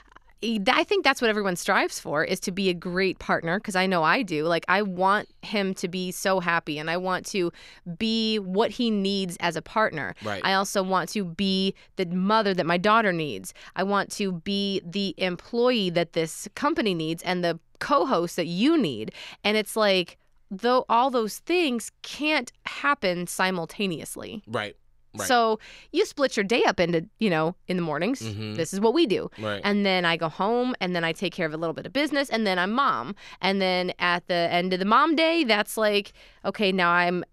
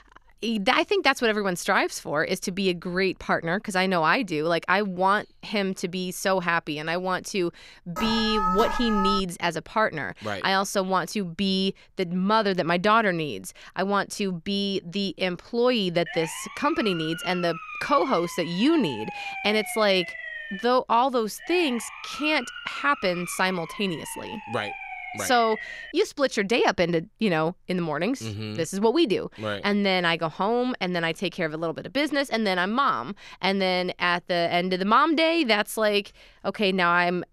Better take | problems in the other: first | alarm; noticeable; from 8 to 9 s; peak level with the speech // siren; noticeable; from 16 to 21 s; peak 8 dB below the speech // siren; faint; from 21 to 26 s; peak 10 dB below the speech

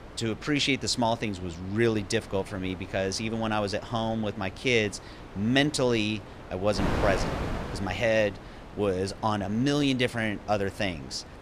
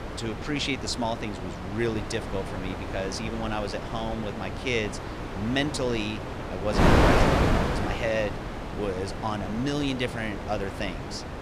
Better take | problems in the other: first | wind noise on the microphone; heavy; as loud as the speech; occasional gusts in the first

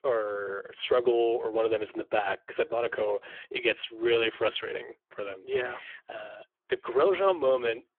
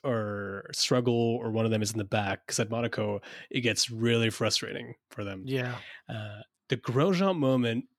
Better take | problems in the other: second | phone-call audio; poor line; nothing above 3.5 kHz

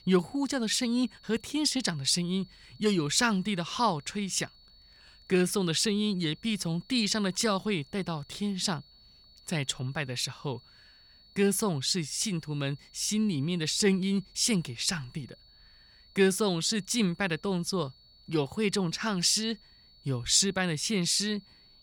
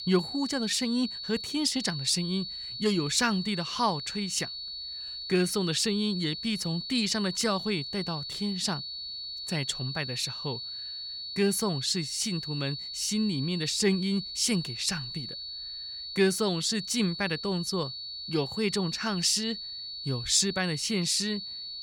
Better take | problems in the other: first | high-pitched whine; loud; throughout; 4.5 kHz, 7 dB below the speech; faint in the first

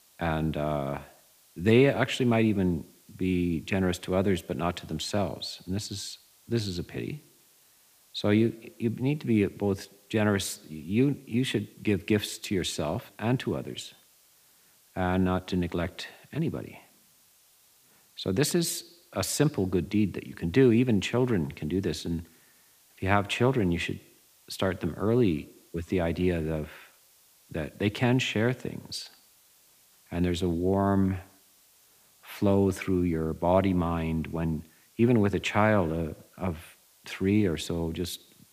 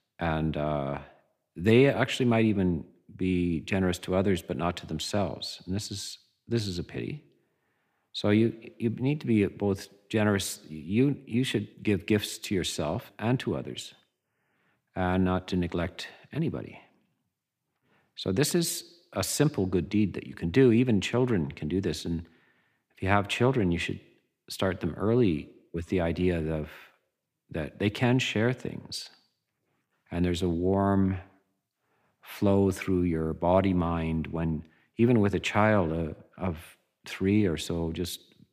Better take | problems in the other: second | hiss; faint; throughout; 30 dB below the speech

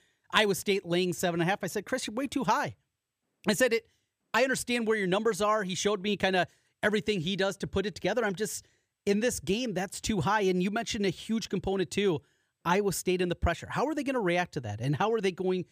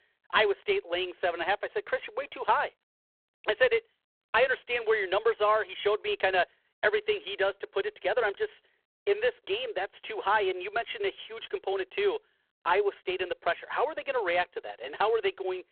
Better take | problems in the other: first | phone-call audio; poor line

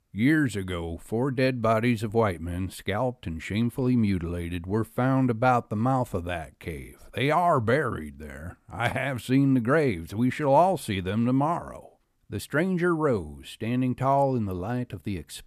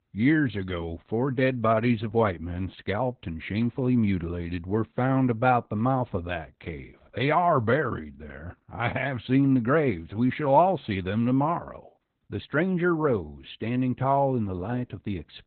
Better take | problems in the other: first | garbled, watery; badly; nothing above 4 kHz

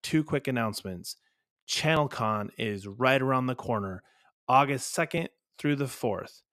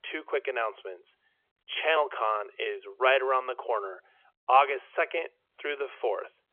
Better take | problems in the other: first | phone-call audio; nothing above 3.5 kHz

